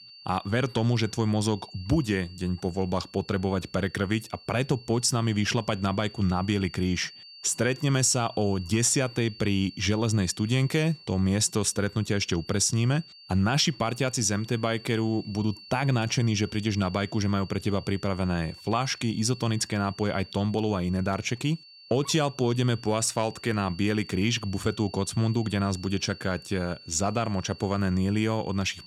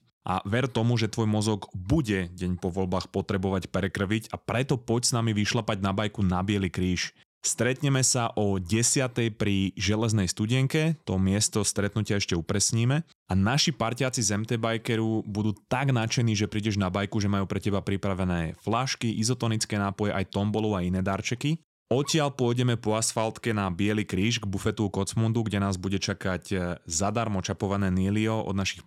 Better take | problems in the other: second | high-pitched whine; noticeable; throughout; 4.5 kHz, 20 dB below the speech

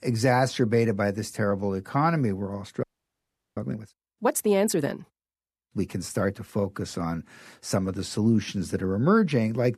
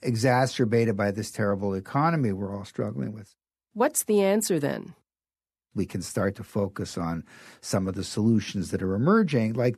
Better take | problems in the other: second | audio freezing; at 3 s for 0.5 s

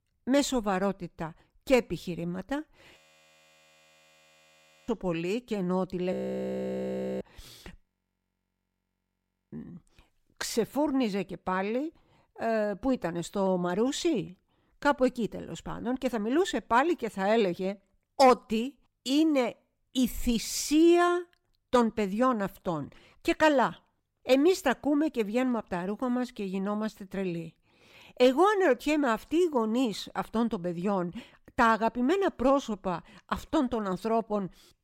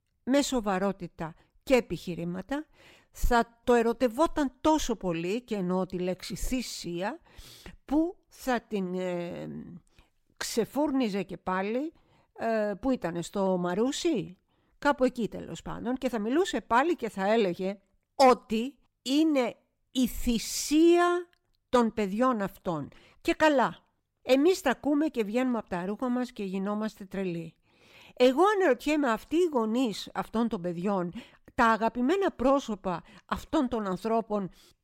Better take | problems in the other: second | audio freezing; at 3 s for 2 s, at 6 s for 1 s and at 8 s for 1.5 s

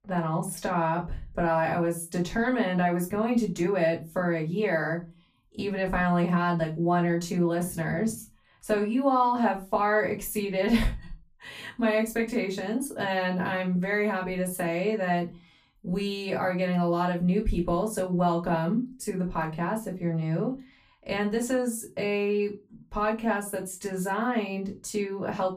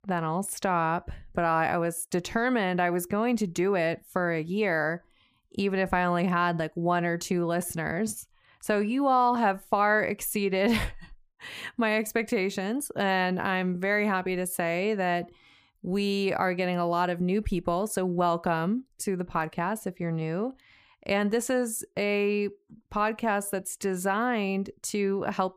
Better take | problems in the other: second | off-mic speech; far // room echo; very slight; dies away in 0.2 s

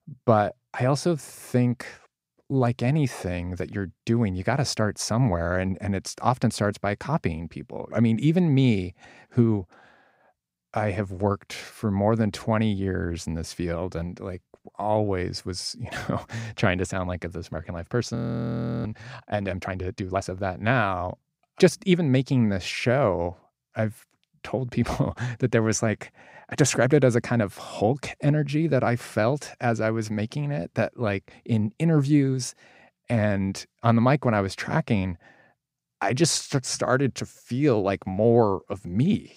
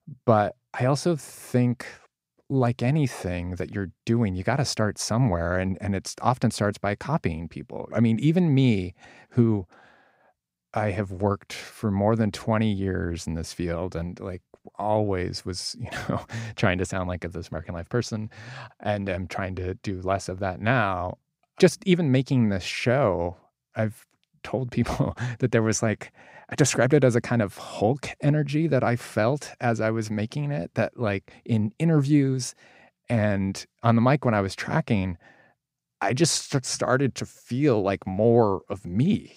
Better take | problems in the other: second | audio freezing; at 18 s for 0.5 s

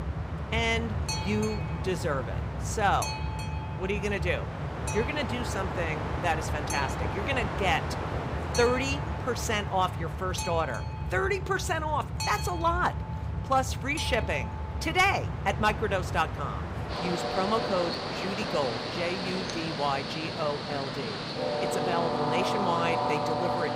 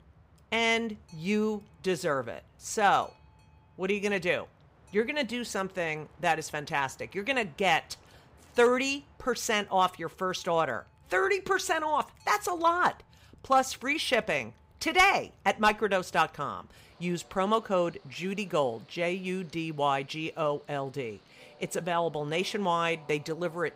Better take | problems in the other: second | train or aircraft noise; loud; throughout; 2 dB below the speech; faint in the second

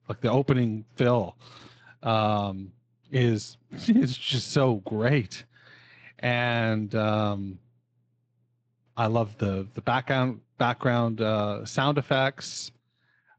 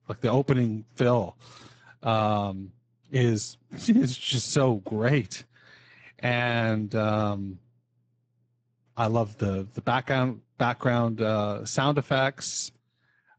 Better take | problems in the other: first | garbled, watery; badly; nothing above 8 kHz; slightly in the first

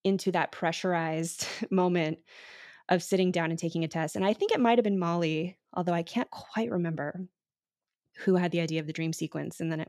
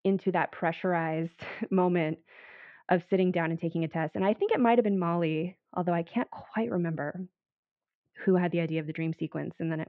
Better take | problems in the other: first | muffled; very; fading above 2.5 kHz

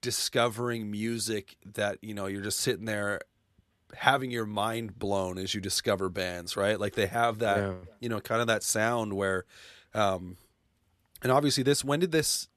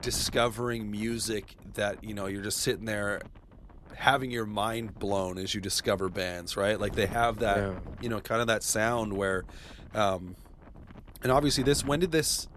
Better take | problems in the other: first | wind noise on the microphone; occasional gusts; 25 dB below the speech

